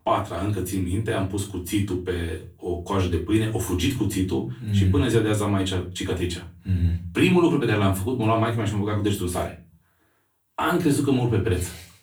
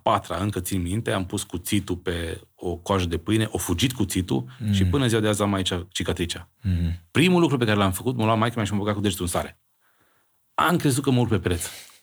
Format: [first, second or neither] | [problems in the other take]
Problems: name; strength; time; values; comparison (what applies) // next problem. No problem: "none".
second | off-mic speech; far // room echo; very slight; dies away in 0.3 s